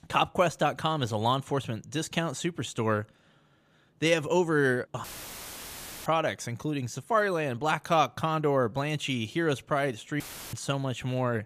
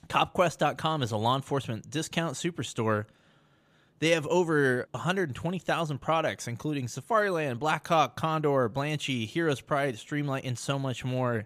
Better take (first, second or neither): second